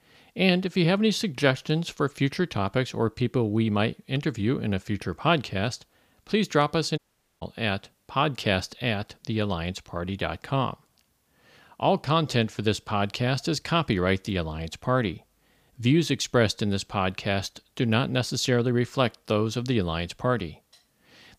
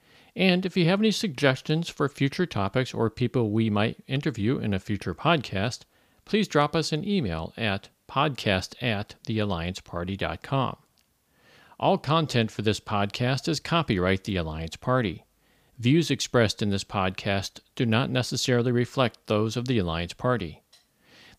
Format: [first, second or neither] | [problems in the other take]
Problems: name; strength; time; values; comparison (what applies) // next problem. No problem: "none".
second | audio cutting out; at 7 s